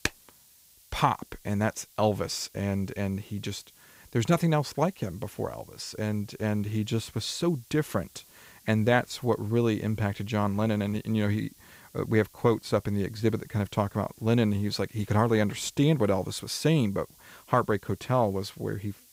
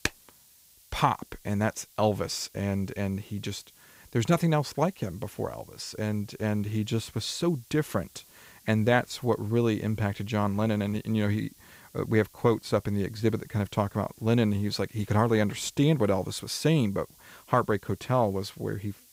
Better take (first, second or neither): neither